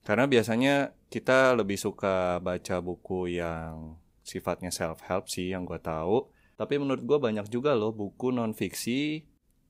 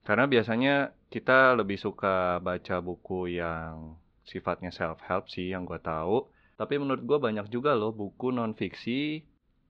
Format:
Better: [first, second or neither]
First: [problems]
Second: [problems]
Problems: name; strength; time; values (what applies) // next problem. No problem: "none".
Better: first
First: none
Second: muffled; slightly; fading above 4 kHz